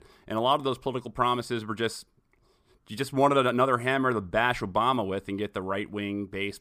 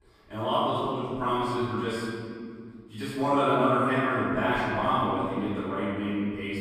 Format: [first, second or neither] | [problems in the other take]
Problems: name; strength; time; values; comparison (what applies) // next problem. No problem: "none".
first | off-mic speech; far // room echo; strong; dies away in 2.5 s